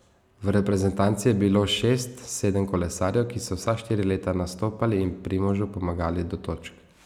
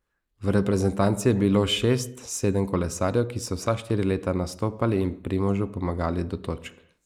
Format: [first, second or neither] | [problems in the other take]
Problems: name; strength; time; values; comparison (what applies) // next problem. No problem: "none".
first | noise reduction (neural mask model Resemble Enhance denoiser)